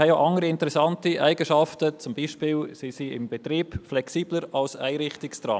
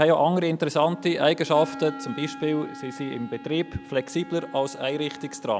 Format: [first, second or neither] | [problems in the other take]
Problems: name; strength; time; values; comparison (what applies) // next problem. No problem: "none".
first | background sound (Wind instrument, woodwind instrument); 16 dB below the speech